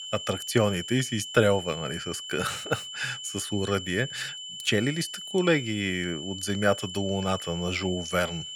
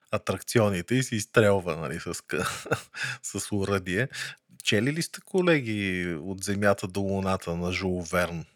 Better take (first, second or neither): second